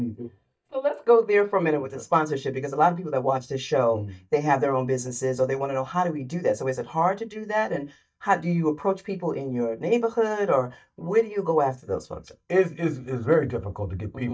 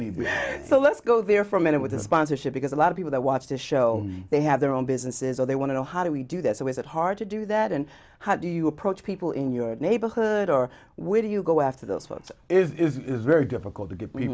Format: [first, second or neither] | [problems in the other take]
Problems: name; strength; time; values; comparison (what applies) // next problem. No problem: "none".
second | noise reduction (neural mask model DeepFilterNet 3)